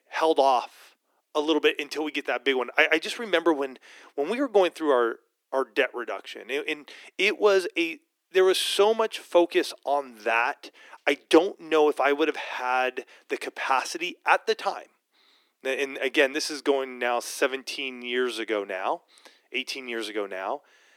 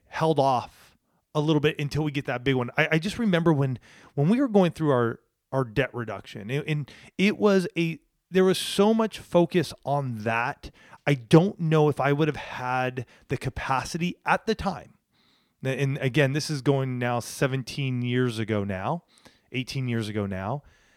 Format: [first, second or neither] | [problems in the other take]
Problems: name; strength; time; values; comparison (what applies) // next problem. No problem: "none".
second | thin; very; fading below 300 Hz